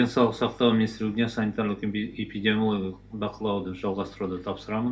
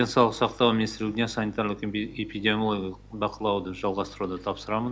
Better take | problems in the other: second | room echo; dies away in 0.2 s

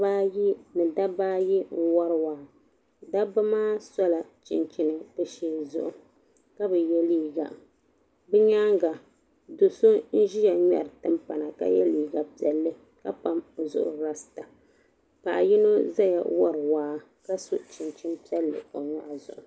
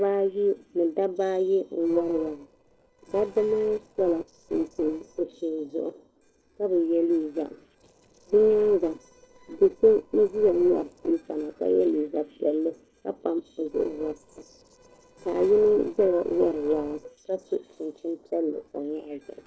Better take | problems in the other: first | noise reduction (neural separator model SepFormer DNS4)

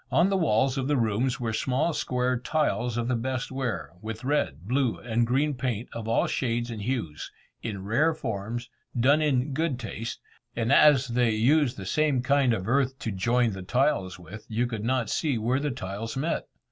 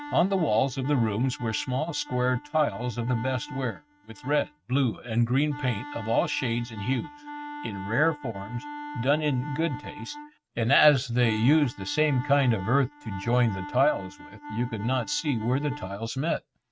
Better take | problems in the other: first | noise reduction (neural mask model RNNoise)

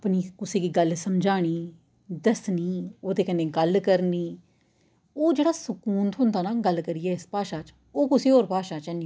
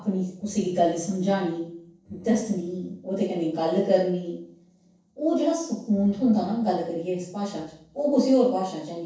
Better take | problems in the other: first | noise reduction (neural separator model SepFormer DNS4)

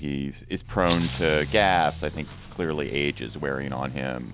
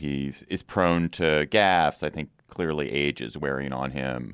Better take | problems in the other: second | background sound (Fire + Accelerating, revving, vroom / Motor vehicle (road)); 11 dB below the speech

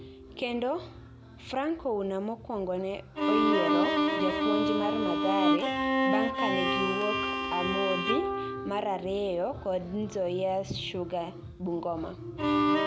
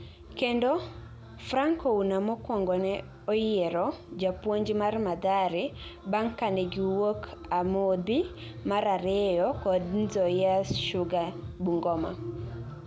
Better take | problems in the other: second | background sound (Bowed string instrument); 2 dB above the speech

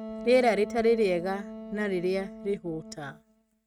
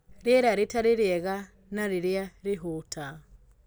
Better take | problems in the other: second | noise reduction (neural mask model RNNoise)

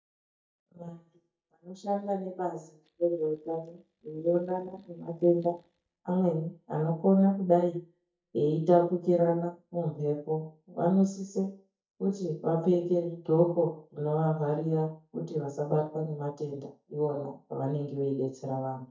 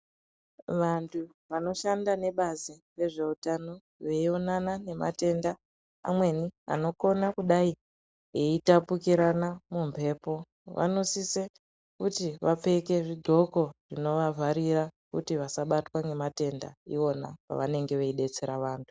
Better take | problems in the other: second | noise reduction (neural mask model DeepFilterNet 3)

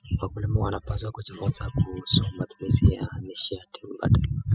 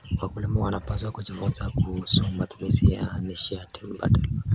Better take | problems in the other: second | noise reduction (classical method spectral subtraction)

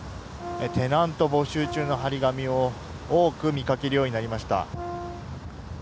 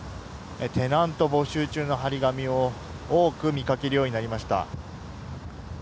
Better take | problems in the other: second | background sound (Brass instrument); 13 dB below the speech

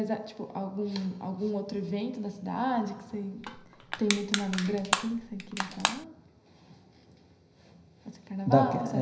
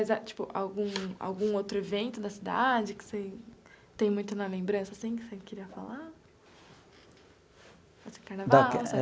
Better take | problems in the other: second | background sound (Crushing); 2 dB below the speech // room echo; dies away in 0.9 s

